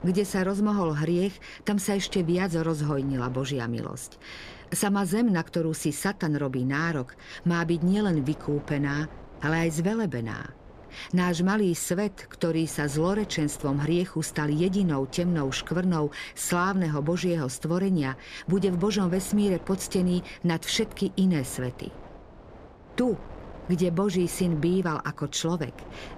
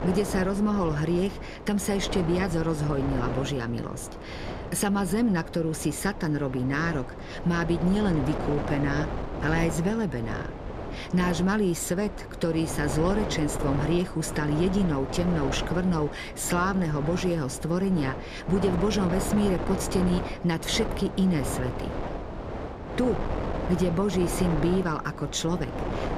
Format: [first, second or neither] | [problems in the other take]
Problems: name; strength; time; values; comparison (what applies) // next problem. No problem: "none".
first | wind noise on the microphone; heavy; 5 dB below the speech; occasional gusts in the first